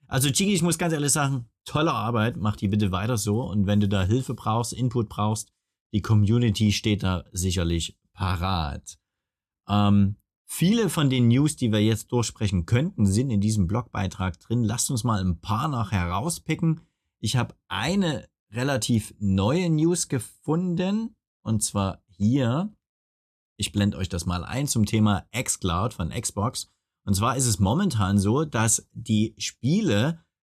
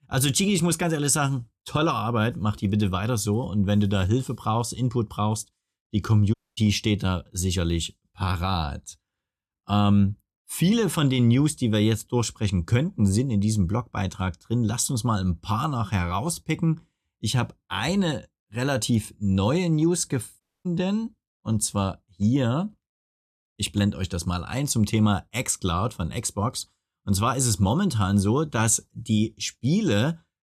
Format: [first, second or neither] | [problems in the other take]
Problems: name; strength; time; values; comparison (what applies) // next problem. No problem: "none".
first | audio cutting out; at 6.5 s and at 20 s